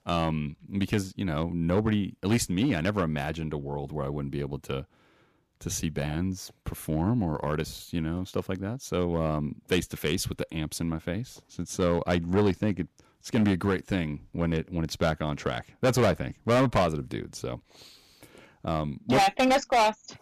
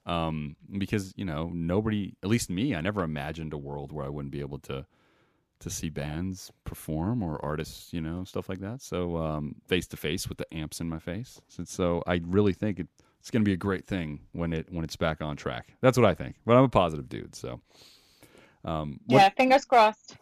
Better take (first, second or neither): second